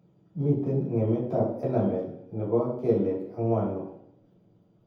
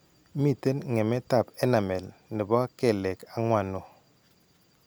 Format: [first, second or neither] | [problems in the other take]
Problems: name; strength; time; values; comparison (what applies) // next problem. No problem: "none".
second | room echo; dies away in 0.9 s